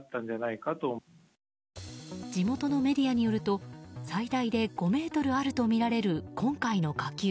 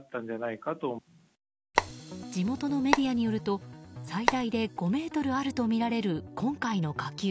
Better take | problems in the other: first | background sound (Telephone); 1 dB above the speech

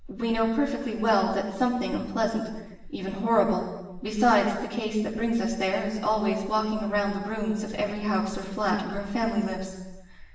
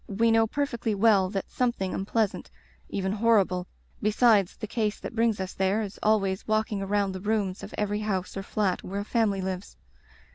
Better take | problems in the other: second | room echo; dies away in 1.1 s

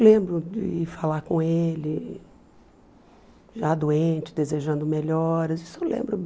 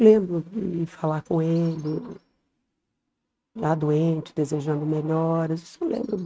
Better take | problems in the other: first | noise reduction (neural mask model RNNoise)

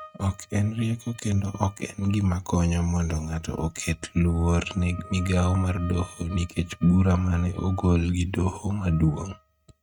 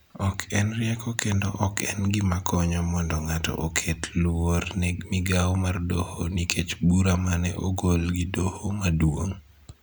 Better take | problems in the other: second | noise reduction (neural mask model RNNoise)

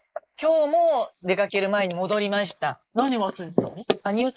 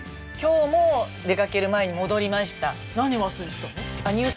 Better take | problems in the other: second | noise reduction (neural mask model Resemble Enhance denoiser)

